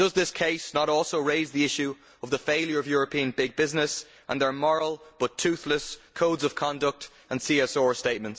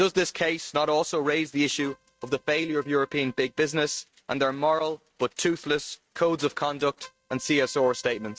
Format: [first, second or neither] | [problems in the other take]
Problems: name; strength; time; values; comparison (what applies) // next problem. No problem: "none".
first | noise reduction (neural mask model RNNoise)